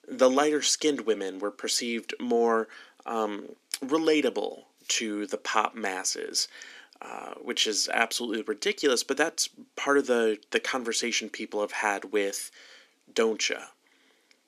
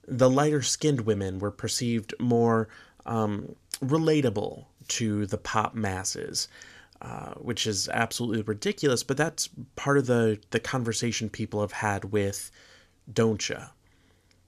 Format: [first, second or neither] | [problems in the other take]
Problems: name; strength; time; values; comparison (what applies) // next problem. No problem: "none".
second | thin; somewhat; fading below 250 Hz